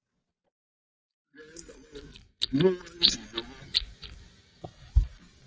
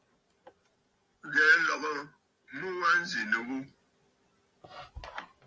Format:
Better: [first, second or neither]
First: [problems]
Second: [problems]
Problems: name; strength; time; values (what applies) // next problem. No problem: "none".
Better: second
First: noise reduction (neural mask model DeepFilterNet 3)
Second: none